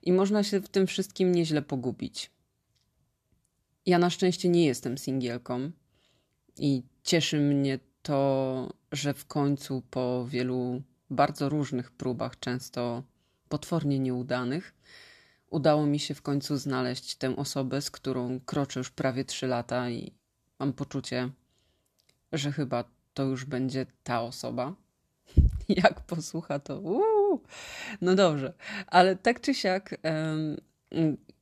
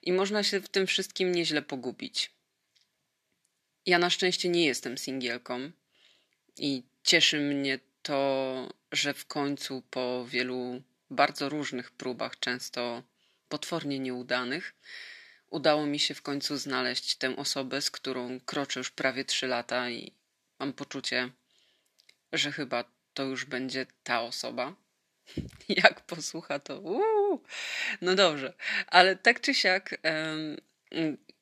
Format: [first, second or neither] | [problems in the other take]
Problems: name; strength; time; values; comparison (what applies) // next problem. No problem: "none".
first | thin; very slightly; fading below 250 Hz